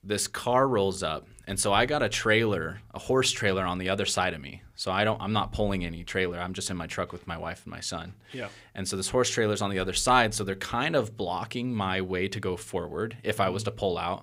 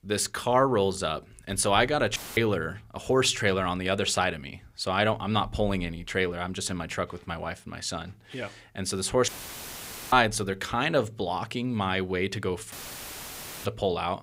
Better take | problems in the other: first | audio cutting out; filled with static; at 2 s, at 9.5 s for 1 s and at 13 s for 1 s

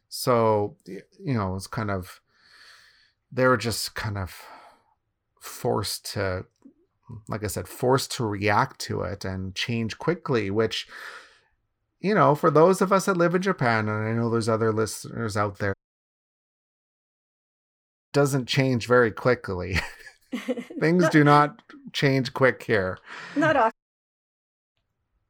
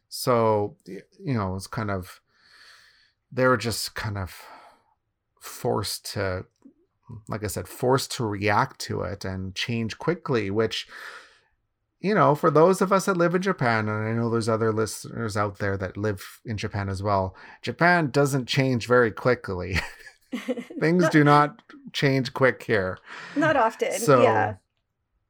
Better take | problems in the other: second | audio cutting out; at 16 s for 2.5 s and at 24 s for 1 s

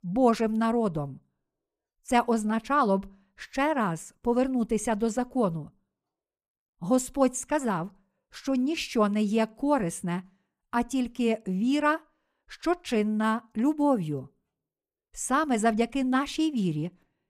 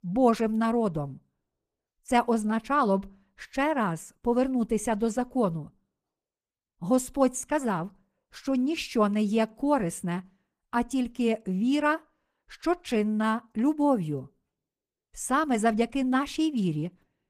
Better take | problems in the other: first | garbled, watery; slightly; nothing above 15 kHz

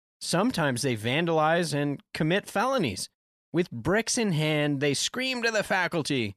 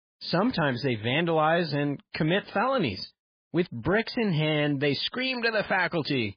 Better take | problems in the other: first | garbled, watery; badly; nothing above 5 kHz

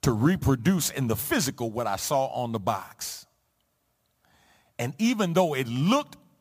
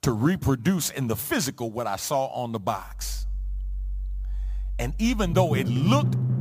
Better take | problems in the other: first | background music; loud; from 3 s on; 3 dB below the speech

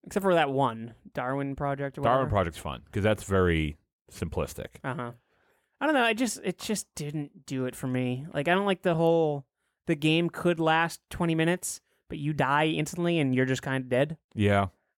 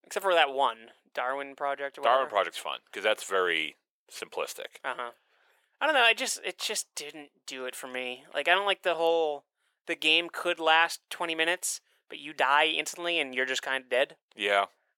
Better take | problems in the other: first | thin; very; fading below 500 Hz

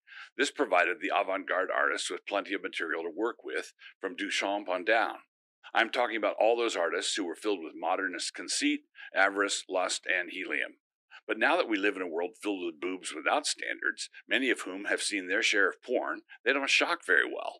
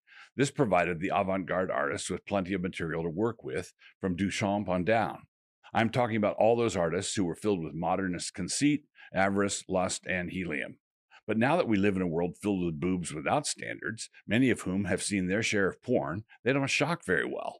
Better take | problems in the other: second | thin; somewhat; fading below 300 Hz

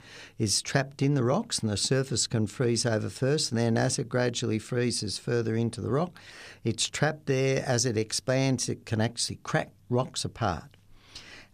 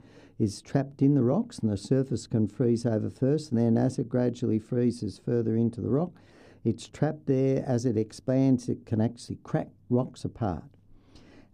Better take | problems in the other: first | muffled; slightly; fading above 1 kHz

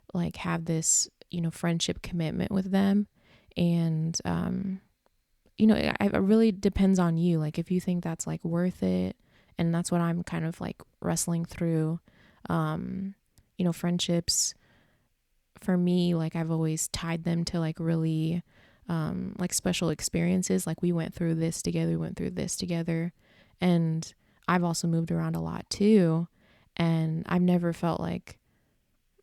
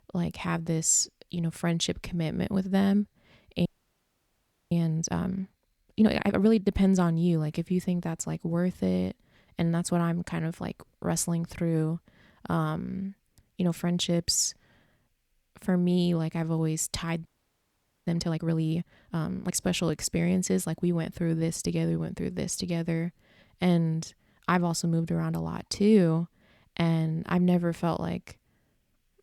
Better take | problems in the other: first | audio freezing; at 3.5 s for 1 s and at 17 s for 1 s

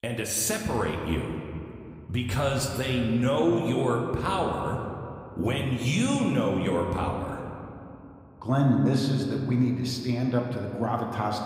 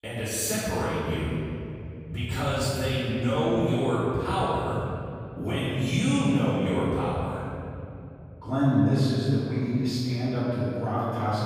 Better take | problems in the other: first | room echo; strong; dies away in 2.8 s; slight in the first // off-mic speech; far

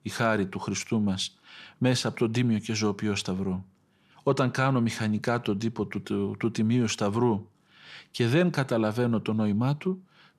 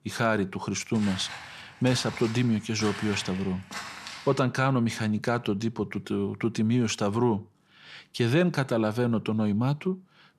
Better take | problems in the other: first | footsteps; noticeable; from 1 to 4.5 s; peak 9 dB below the speech

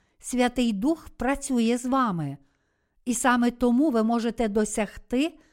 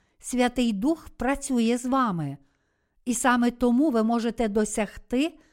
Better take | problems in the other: neither | none

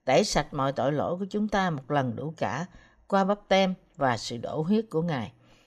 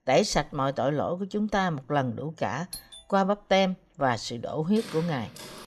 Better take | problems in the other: first | doorbell; faint; at 2.5 s; peak 15 dB below the speech // footsteps; faint; at 5 s; peak 15 dB below the speech

